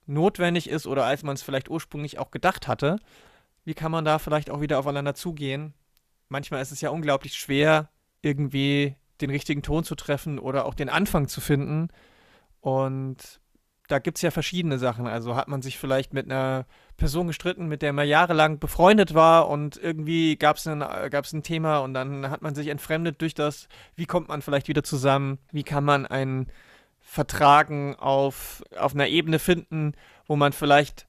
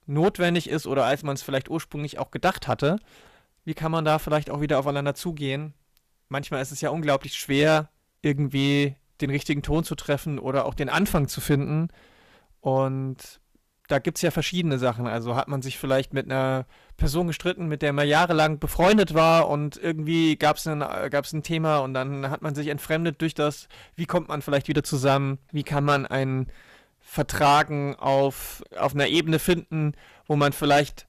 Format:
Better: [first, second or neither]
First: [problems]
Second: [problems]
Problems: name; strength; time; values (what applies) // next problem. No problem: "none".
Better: first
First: none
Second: distortion; slight; 2% of the sound clipped